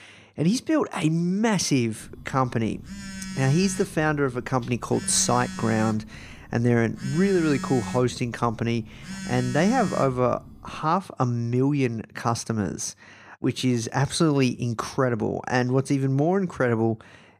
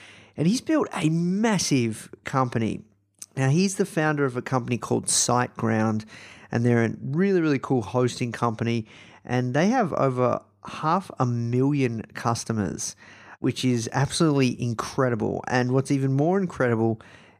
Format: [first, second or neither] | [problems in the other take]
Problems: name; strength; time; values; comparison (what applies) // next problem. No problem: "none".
second | phone ringing; noticeable; from 2 to 11 s; peak 8 dB below the speech